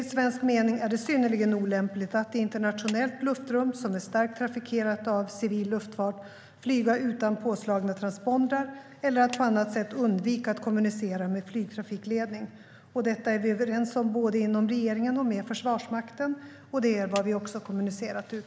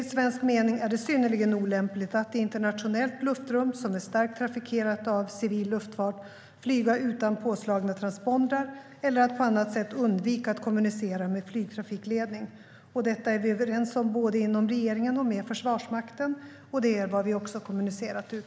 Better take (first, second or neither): second